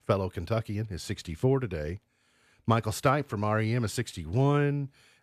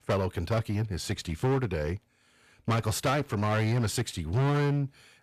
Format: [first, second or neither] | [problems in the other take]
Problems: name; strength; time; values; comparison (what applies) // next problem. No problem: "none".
first | distortion; heavy; 14% of the sound clipped